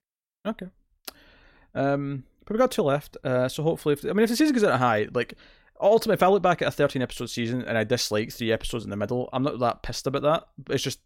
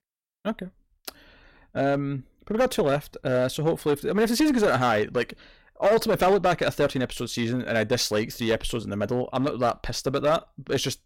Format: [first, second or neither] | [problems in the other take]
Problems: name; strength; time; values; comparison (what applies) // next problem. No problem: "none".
first | distortion; slight; 6% of the sound clipped